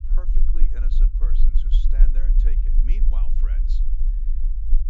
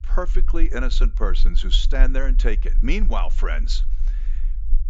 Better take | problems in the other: second | low rumble; loud; throughout; 1 dB below the speech; faint in the second

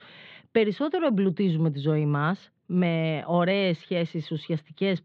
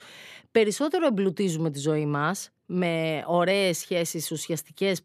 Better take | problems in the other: second | muffled; slightly; fading above 4 kHz

